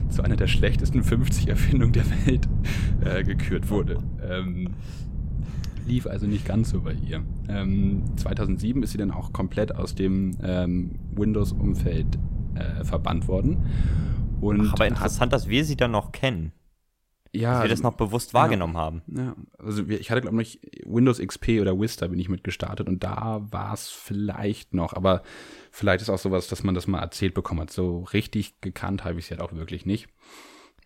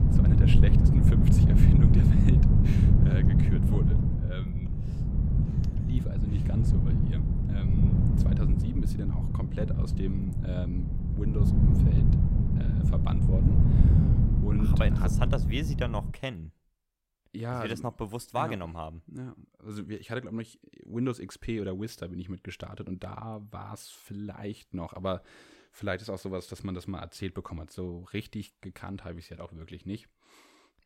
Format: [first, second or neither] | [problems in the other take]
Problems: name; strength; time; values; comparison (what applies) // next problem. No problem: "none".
first | wind noise on the microphone; heavy; until 16 s; 3 dB above the speech; occasional gusts in the first